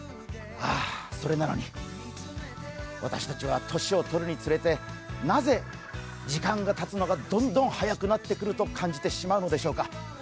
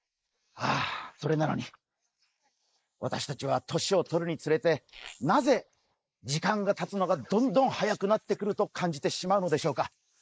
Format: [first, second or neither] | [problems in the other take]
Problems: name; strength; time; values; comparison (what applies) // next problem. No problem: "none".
first | noise reduction (neural mask model Resemble Enhance denoiser)